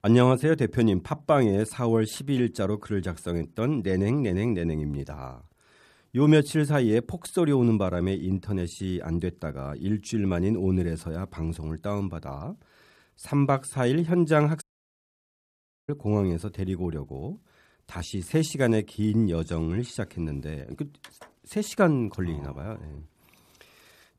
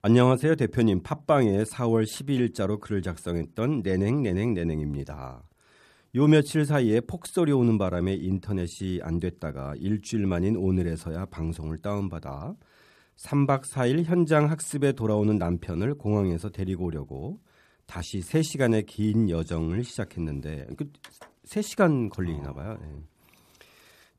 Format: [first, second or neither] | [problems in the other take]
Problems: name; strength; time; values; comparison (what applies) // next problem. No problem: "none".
second | audio cutting out; at 15 s for 1.5 s